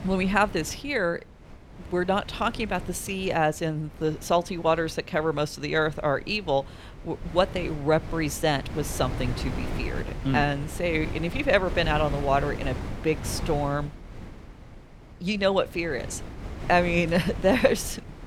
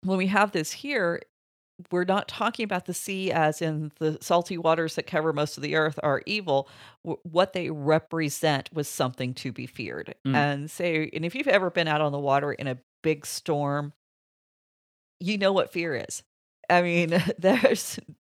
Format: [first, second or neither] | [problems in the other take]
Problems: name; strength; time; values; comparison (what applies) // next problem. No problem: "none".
second | wind noise on the microphone; occasional gusts; 15 dB below the speech